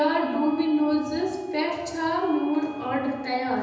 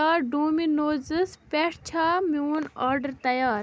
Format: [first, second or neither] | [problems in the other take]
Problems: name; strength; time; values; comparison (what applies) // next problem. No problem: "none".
second | background sound (Wind instrument, woodwind instrument); 18 dB below the speech // room echo; dies away in 1.1 s